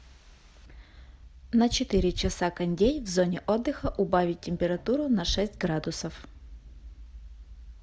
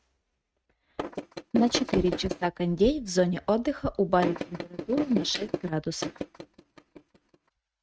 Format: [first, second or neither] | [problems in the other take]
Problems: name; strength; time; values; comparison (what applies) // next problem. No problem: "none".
first | noise reduction (neural mask model RNNoise)